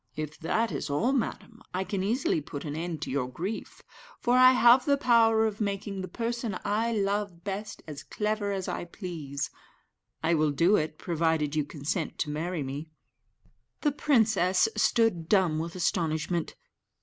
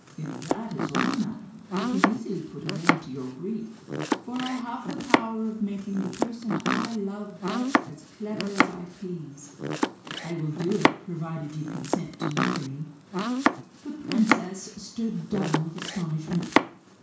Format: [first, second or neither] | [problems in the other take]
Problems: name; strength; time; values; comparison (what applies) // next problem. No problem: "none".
first | background sound (Domestic sounds, home sounds); 2 dB above the speech // room echo; dies away in 0.6 s